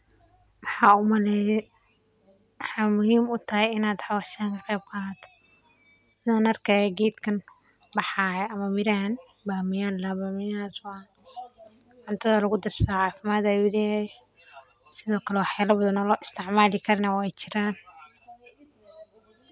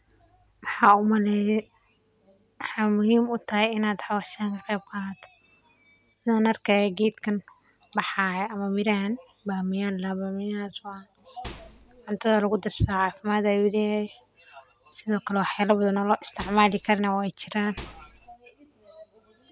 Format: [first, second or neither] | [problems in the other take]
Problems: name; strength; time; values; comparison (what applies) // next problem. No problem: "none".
first | background sound (Microwave oven); 16 dB below the speech